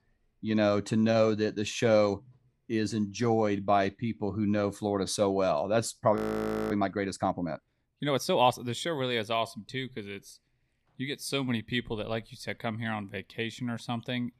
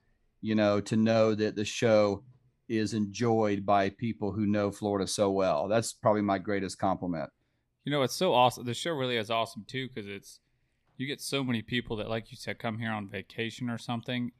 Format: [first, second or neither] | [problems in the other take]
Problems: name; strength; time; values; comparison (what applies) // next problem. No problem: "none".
second | audio freezing; at 6 s for 0.5 s